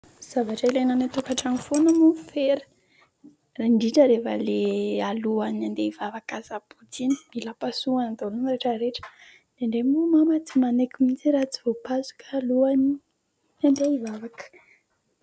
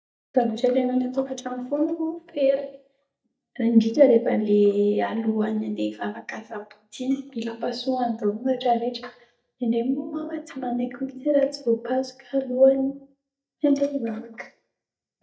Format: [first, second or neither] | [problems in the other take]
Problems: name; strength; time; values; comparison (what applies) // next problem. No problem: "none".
first | noise reduction (neural mask model DeepFilterNet 3)